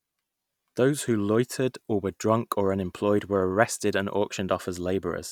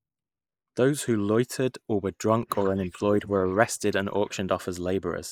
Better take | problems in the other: first | noise reduction (neural mask model Resemble Enhance denoiser)

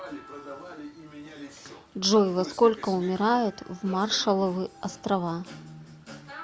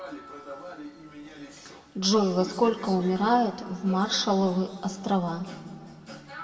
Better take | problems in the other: first | room echo; dies away in 1.8 s

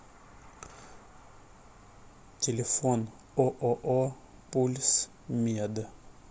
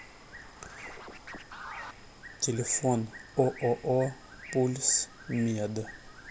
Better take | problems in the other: first | background sound (Bird + Scratching (performance technique)); 16 dB below the speech

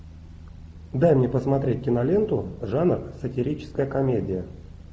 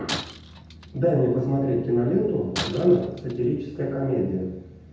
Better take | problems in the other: first | background sound (Shatter); 14 dB below the speech // room echo; dies away in 0.8 s

